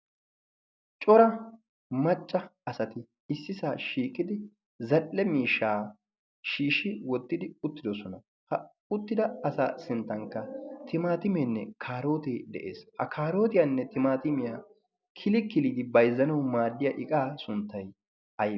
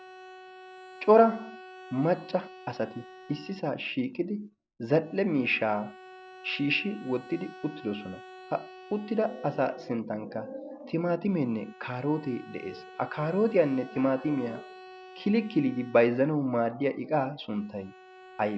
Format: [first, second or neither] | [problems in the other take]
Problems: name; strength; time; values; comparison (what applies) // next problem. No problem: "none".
first | background sound (Bowed string instrument); 19 dB below the speech